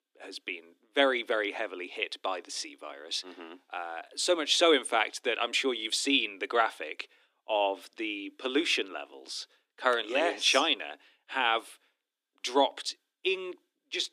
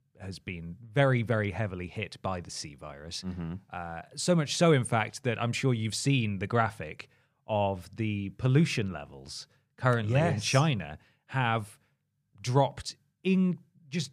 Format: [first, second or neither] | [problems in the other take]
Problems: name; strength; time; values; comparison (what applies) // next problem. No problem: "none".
second | thin; somewhat; fading below 300 Hz